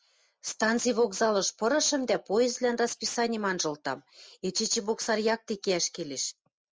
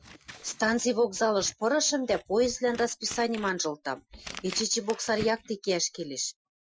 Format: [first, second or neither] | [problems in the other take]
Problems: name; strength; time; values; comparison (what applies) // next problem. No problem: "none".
first | noise reduction (classical method Wiener filter)